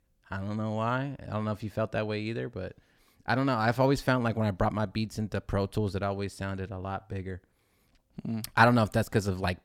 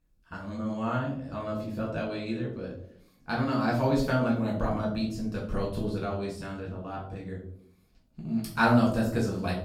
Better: first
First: none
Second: room echo; noticeable; dies away in 0.5 s // off-mic speech; far

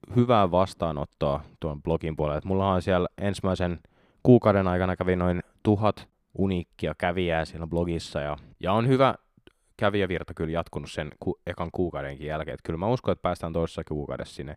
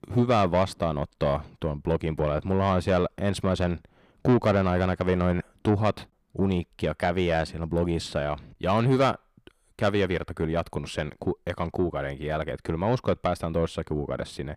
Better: first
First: none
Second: distortion; slight; 10 dB below the speech

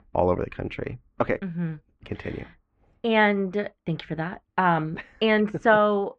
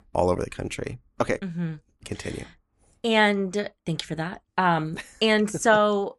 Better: second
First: muffled; very; fading above 2.5 kHz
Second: none

